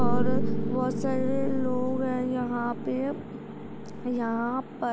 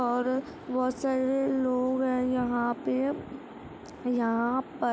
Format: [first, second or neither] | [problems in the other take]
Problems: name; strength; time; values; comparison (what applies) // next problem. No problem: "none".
second | background sound (Piano); 2 dB above the speech